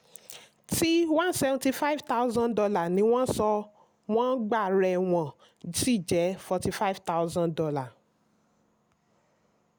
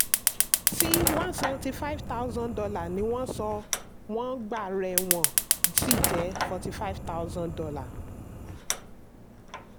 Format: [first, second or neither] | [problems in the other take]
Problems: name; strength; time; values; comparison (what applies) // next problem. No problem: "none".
first | background sound (Fire); 3 dB above the speech